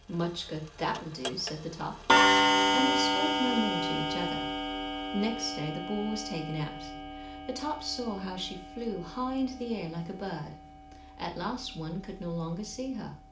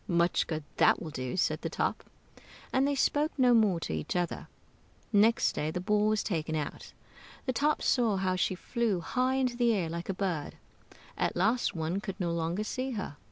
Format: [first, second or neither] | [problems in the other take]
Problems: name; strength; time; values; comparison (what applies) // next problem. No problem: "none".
second | background sound (Clock); 3 dB above the speech // room echo; dies away in 0.4 s